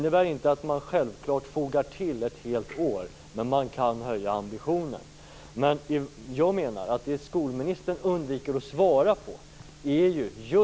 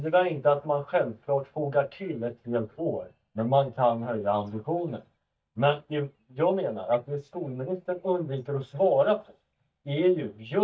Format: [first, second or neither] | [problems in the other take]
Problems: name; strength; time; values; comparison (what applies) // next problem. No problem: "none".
first | noise reduction (neural mask model DeepFilterNet 3)